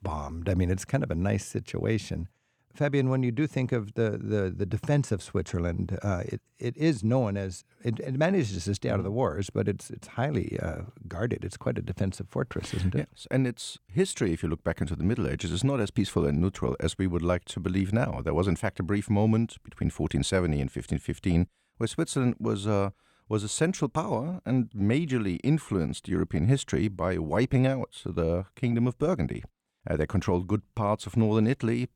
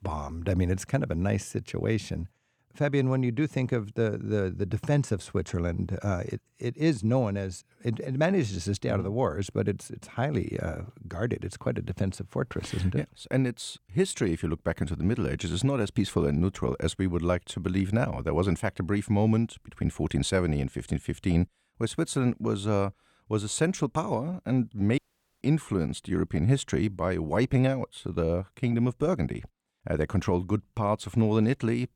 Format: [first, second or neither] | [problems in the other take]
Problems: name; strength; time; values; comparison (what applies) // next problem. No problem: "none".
first | audio cutting out; at 25 s